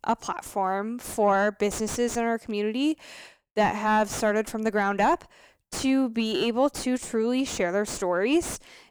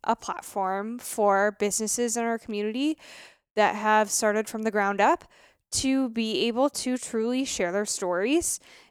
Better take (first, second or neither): second